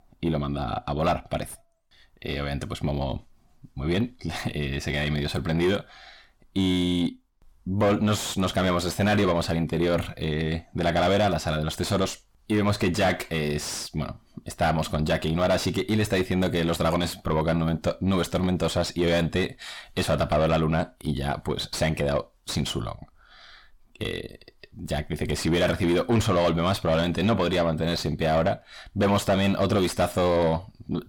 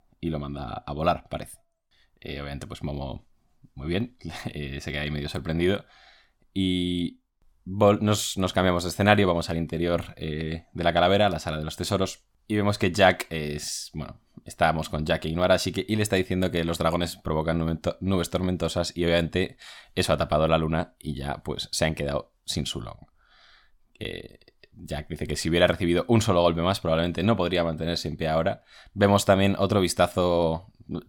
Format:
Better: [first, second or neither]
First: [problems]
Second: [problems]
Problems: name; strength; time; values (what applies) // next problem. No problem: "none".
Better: second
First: distortion; heavy; 6 dB below the speech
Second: none